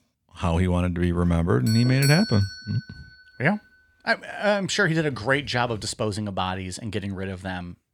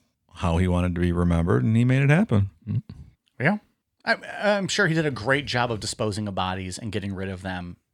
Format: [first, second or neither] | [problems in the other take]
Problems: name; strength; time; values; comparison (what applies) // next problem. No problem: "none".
second | doorbell; noticeable; from 1.5 to 3 s; peak 3 dB below the speech